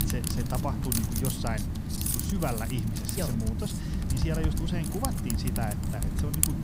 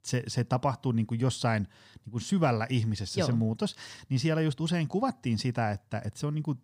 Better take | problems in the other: second | household noises; very loud; throughout; 4 dB above the speech

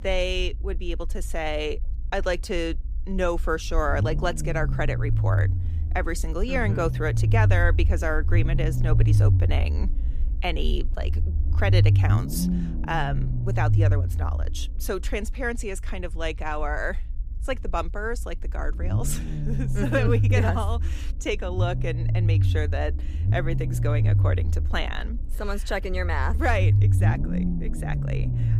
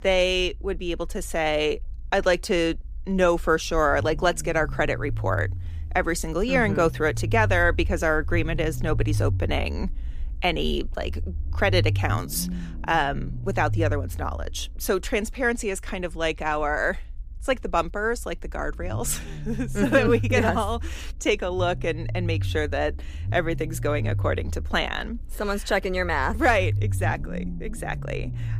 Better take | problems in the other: second | low rumble; loud; throughout; 9 dB below the speech; faint in the second

